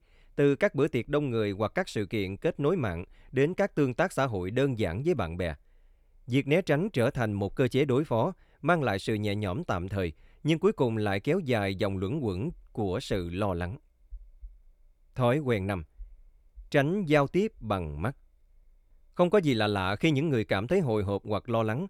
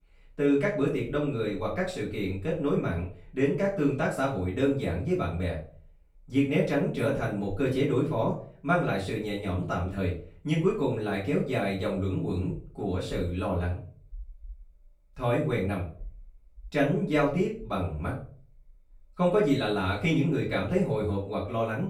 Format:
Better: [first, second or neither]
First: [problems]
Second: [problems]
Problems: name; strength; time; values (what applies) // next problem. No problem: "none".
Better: first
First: none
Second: off-mic speech; far // room echo; slight; dies away in 0.4 s